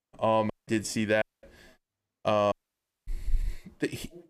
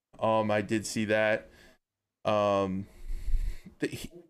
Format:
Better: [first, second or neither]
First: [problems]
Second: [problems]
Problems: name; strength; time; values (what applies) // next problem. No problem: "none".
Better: second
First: audio cutting out; at 0.5 s, at 1 s and at 2.5 s for 0.5 s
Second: none